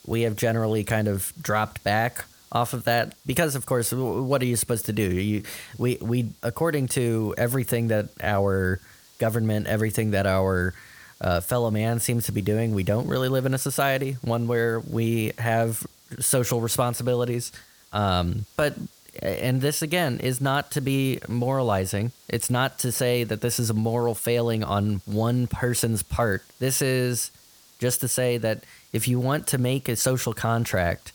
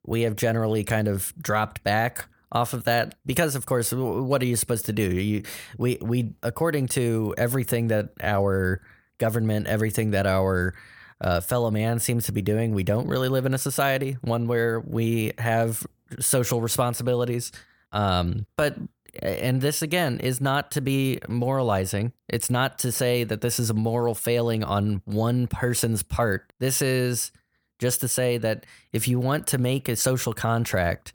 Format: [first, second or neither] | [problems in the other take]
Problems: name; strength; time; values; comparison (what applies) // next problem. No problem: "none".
second | hiss; faint; throughout; 25 dB below the speech